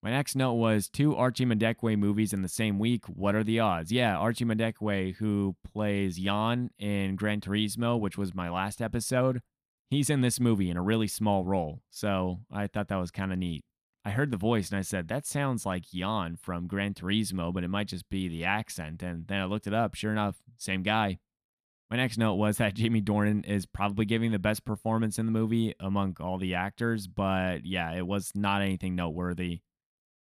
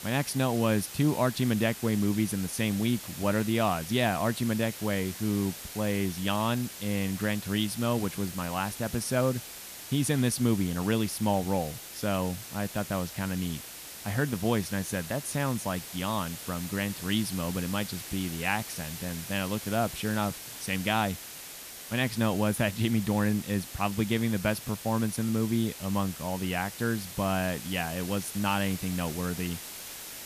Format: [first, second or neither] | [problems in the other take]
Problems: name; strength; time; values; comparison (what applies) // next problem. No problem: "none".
first | hiss; loud; throughout; 10 dB below the speech